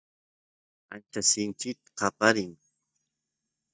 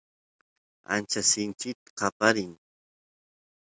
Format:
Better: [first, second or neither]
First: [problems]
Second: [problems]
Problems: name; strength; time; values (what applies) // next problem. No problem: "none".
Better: second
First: noise reduction (neural mask model DeepFilterNet 3)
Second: none